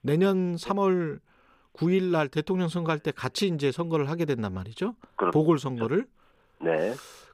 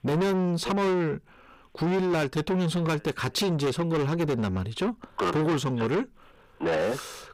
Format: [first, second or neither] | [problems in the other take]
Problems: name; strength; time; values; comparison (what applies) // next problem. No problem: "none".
first | distortion; heavy; 7 dB below the speech